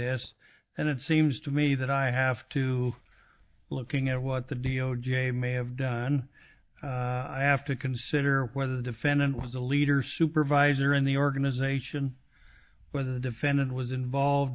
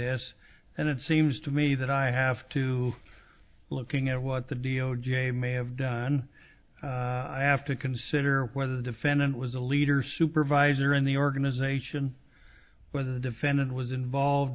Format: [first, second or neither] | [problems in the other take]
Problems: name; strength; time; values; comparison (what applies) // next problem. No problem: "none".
second | noise reduction (neural mask model DeepFilterNet 3)